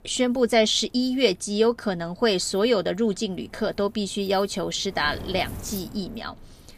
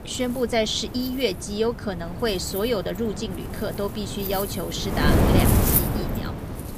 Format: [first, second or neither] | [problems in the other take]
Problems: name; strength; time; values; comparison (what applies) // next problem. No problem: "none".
first | wind noise on the microphone; heavy; 3 dB below the speech; occasional gusts in the first